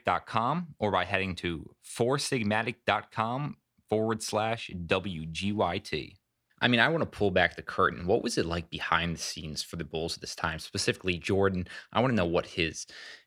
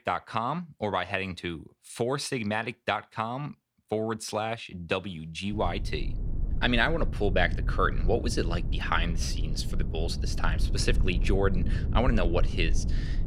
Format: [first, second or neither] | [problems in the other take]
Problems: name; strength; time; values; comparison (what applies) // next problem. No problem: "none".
first | low rumble; noticeable; from 5.5 s on; 15 dB below the speech